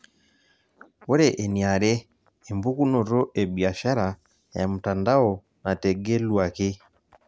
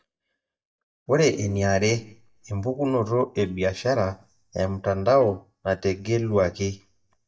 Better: first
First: none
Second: noise reduction (neural mask model DeepFilterNet 3)

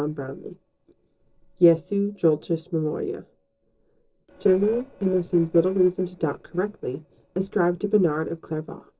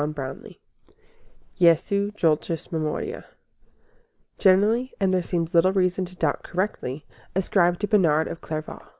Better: second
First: noise reduction (neural separator model SepFormer DNS4)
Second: none

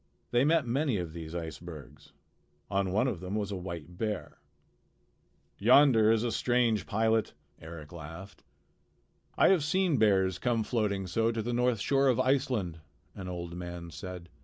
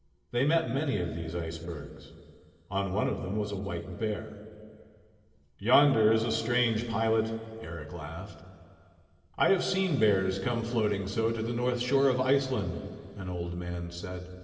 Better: first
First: none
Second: room echo; dies away in 2.6 s

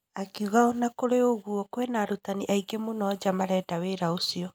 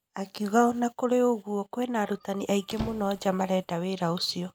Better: first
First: none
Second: background sound (Squeak); 17 dB below the speech

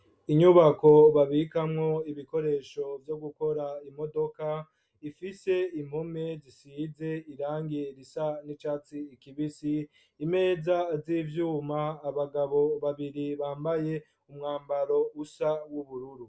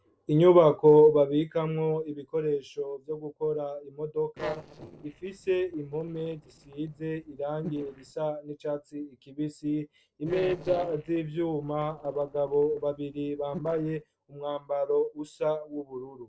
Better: first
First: none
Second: noise reduction (neural separator model SepFormer DNS4)

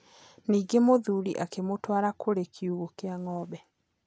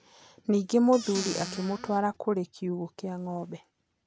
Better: first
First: none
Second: background sound (Squeak / Cupboard open or close); 9 dB below the speech

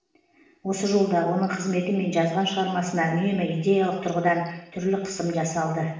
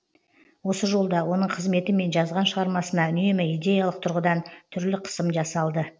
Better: second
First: room echo; dies away in 0.9 s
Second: none

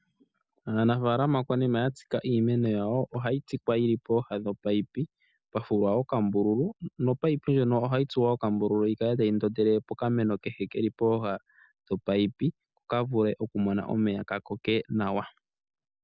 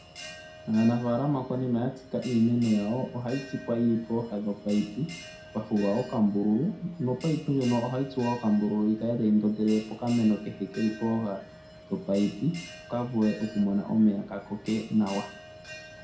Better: first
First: none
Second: background sound (Bell); 18 dB below the speech // room echo; dies away in 0.4 s

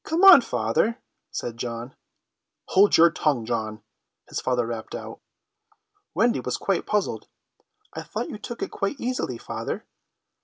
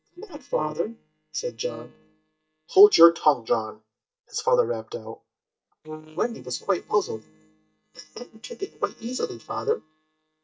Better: first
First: none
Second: noise reduction (neural mask model DeepFilterNet 3)

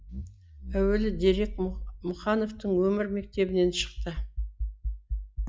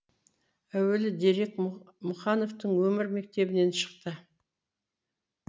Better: second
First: noise reduction (classical method log-MMSE)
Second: none

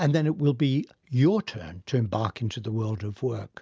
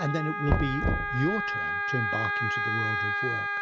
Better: first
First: none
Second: background sound (Wind instrument, woodwind instrument + Knock); 3 dB above the speech

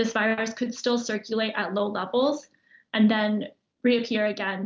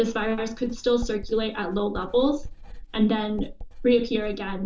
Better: first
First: none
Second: background sound (Writing); 11 dB below the speech // room echo; dies away in 0.2 s

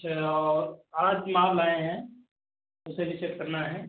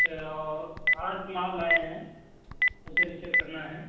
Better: first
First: none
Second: background sound (Telephone); 5 dB above the speech // room echo; dies away in 0.9 s

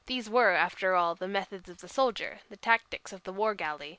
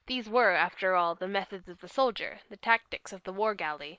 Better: first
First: none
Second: noise reduction (neural mask model Resemble Enhance denoiser)

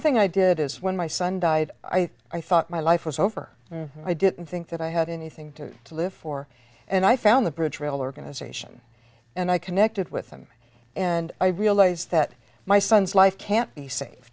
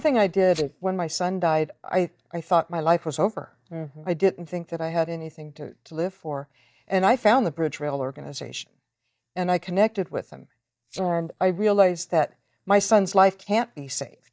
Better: first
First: none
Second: noise reduction (neural mask model DeepFilterNet 3)

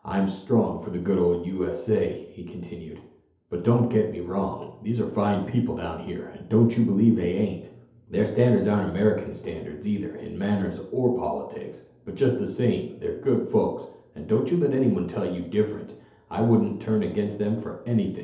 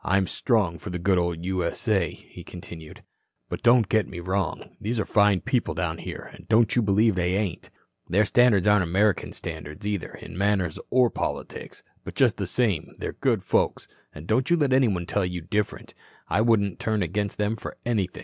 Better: second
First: room echo; dies away in 2.2 s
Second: none

